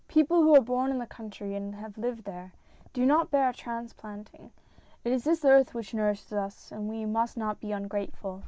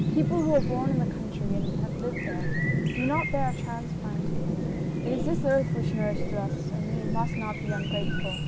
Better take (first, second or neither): first